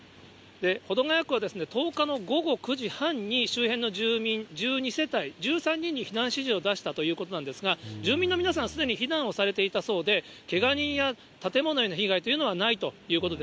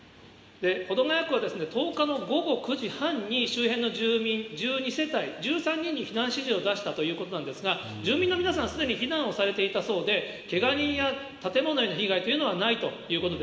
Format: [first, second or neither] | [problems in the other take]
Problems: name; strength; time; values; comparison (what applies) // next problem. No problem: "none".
first | room echo; dies away in 1.7 s